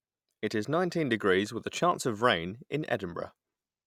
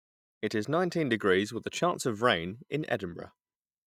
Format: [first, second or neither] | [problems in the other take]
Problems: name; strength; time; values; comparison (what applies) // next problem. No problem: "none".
first | noise reduction (neural mask model DeepFilterNet 3)